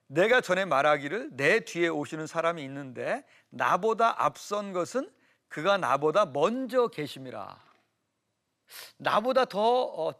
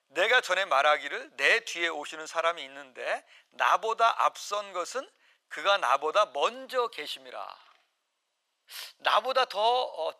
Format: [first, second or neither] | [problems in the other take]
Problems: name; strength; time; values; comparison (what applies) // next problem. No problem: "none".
first | thin; very; fading below 750 Hz